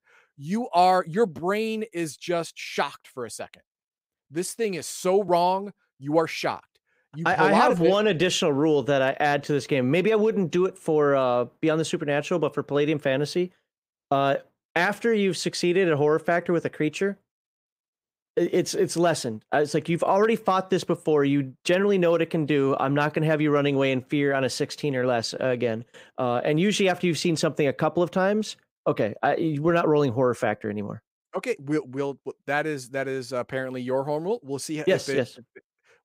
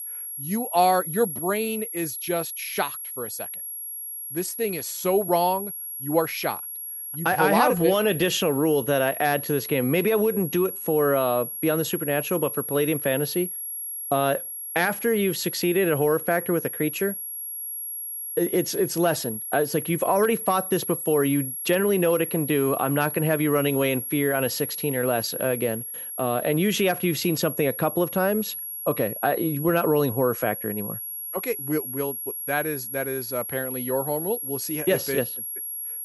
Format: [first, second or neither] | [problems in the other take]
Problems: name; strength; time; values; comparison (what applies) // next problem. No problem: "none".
first | high-pitched whine; loud; throughout; 11.5 kHz, 6 dB below the speech